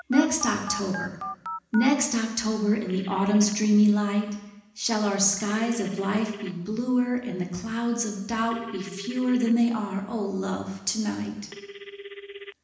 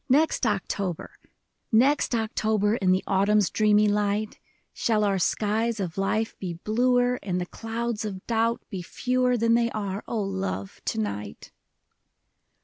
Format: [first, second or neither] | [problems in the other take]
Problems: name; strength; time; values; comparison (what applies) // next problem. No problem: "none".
second | background sound (Telephone); 16 dB below the speech // room echo; dies away in 1 s